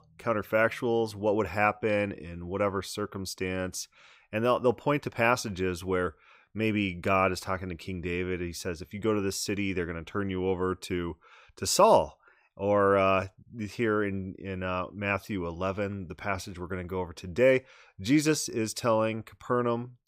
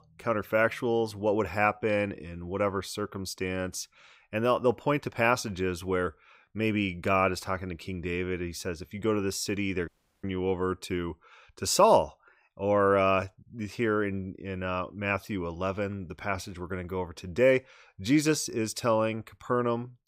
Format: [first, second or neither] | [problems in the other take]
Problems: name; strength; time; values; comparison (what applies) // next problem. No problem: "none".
first | audio cutting out; at 10 s